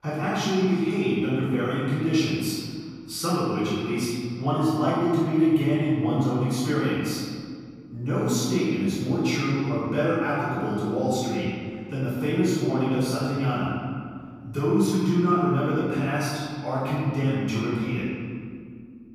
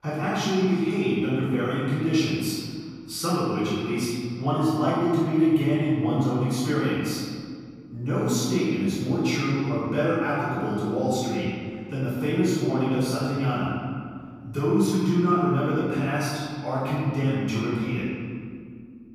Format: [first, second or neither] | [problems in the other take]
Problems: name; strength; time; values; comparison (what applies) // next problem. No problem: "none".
neither | off-mic speech; far; the same in both // room echo; strong; dies away in 2 s; the same in both